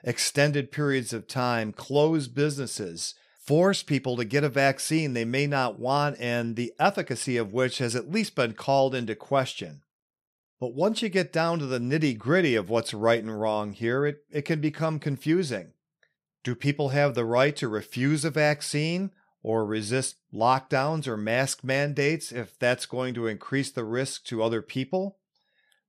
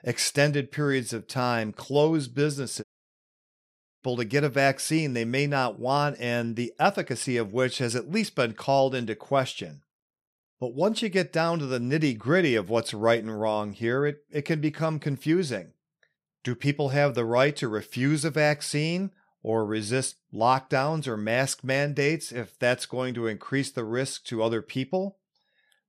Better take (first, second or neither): first